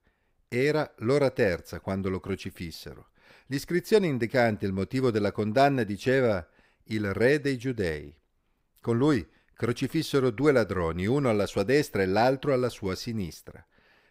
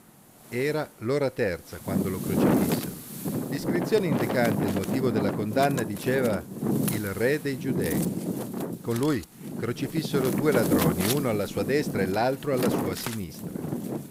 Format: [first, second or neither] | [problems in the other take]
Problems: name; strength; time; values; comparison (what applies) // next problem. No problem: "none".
first | wind noise on the microphone; heavy; 3 dB below the speech